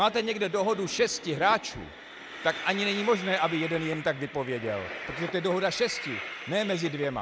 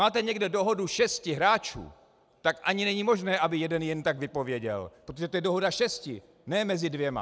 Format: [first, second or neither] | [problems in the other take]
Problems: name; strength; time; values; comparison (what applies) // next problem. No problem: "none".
second | background sound (Train); 11 dB below the speech